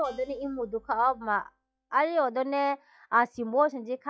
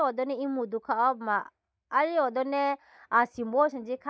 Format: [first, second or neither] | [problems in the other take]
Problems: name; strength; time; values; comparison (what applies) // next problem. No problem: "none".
second | noise reduction (classical method log-MMSE)